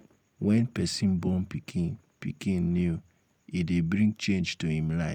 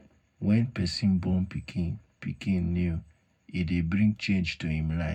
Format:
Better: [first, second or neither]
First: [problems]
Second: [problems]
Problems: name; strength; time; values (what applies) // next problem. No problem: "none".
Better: first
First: none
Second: room echo; dies away in 0.3 s